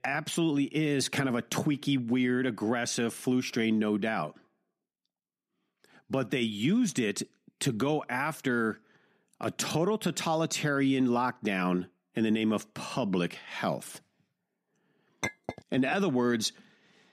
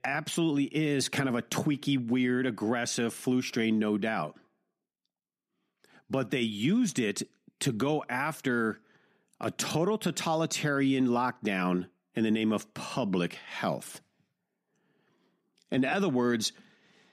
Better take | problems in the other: second | clattering dishes; noticeable; at 15 s; peak 6 dB below the speech

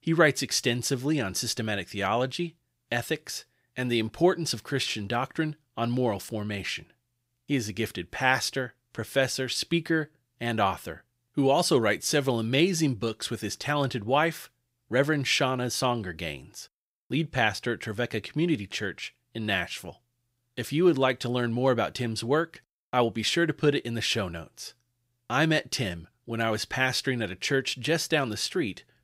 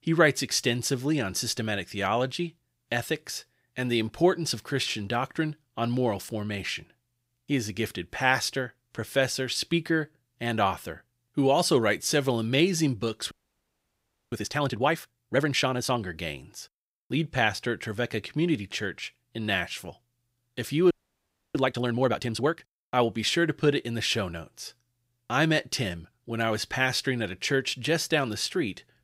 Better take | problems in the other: first | audio freezing; at 13 s for 1 s and at 21 s for 0.5 s

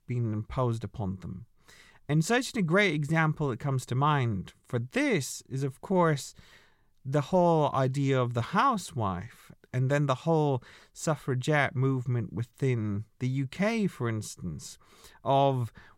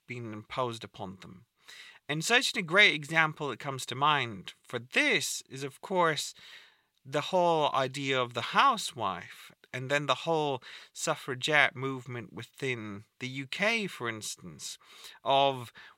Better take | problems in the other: first | thin; somewhat; fading below 700 Hz

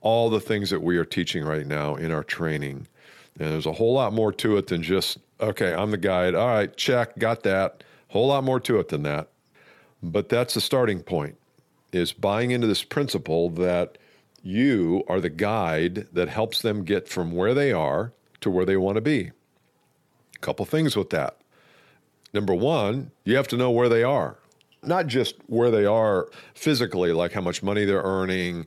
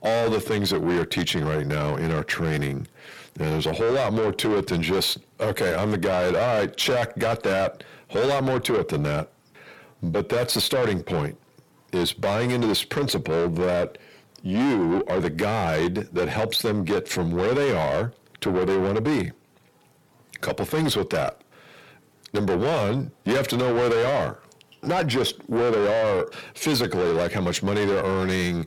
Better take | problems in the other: first | distortion; heavy; 7 dB below the speech

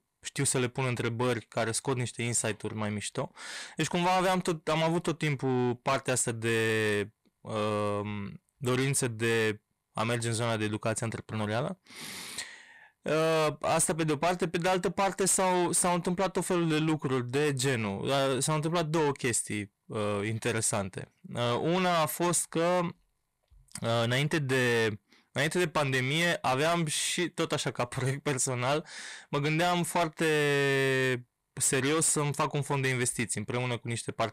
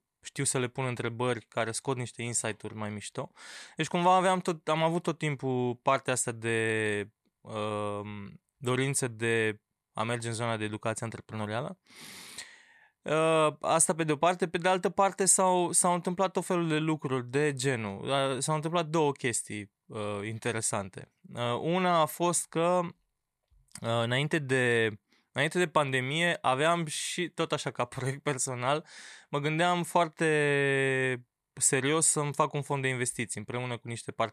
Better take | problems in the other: second | distortion; heavy; 8 dB below the speech

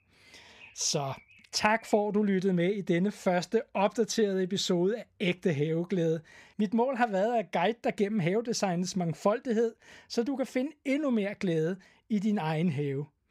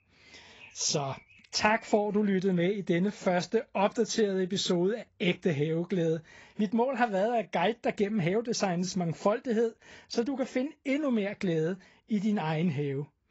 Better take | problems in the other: first | garbled, watery; badly; nothing above 7.5 kHz

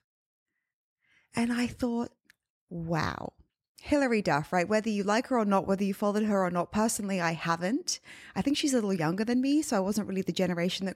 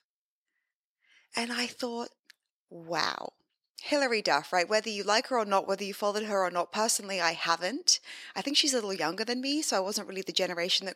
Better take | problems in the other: first | thin; somewhat; fading below 400 Hz

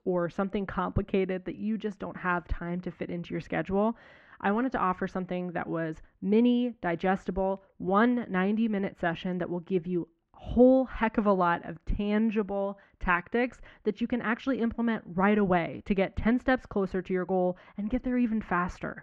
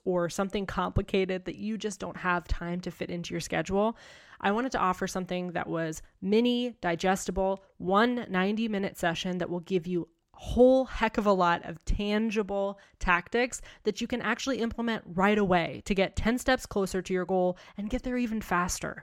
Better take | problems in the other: second | muffled; very; fading above 2 kHz

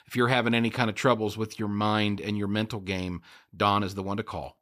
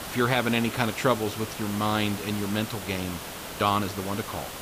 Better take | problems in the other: first | hiss; loud; throughout; 8 dB below the speech

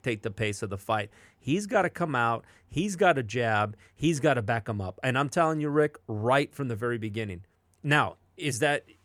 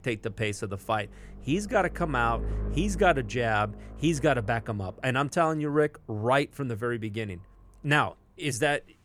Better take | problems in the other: first | low rumble; faint; throughout; 20 dB below the speech

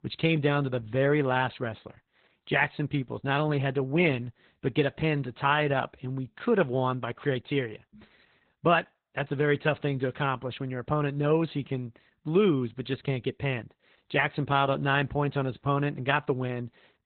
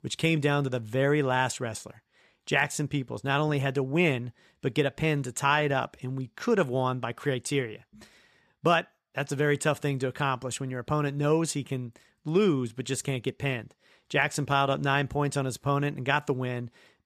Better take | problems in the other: second | garbled, watery; badly; nothing above 4 kHz

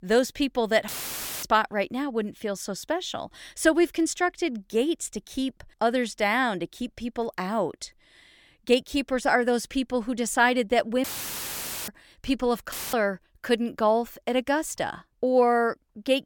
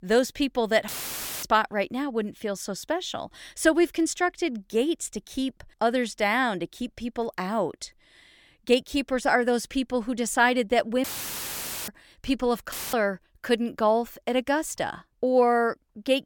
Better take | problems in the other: neither | audio cutting out; filled with static; at 1 s for 0.5 s, at 11 s for 1 s and at 13 s; the same in both

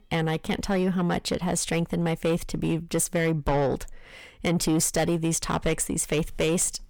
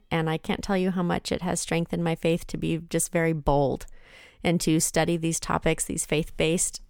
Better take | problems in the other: second | distortion; slight; 10 dB below the speech

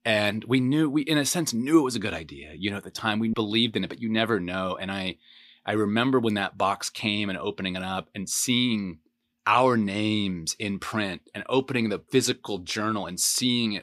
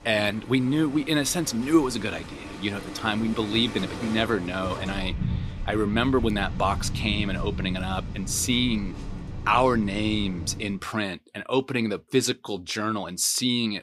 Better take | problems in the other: first | rain or running water; loud; until 11 s; 9 dB below the speech

